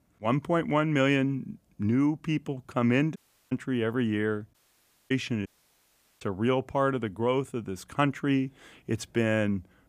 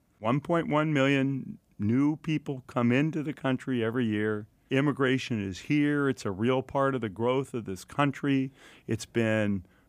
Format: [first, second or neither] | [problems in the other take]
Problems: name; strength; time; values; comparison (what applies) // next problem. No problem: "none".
second | audio cutting out; at 3 s, at 4.5 s for 0.5 s and at 5.5 s for 1 s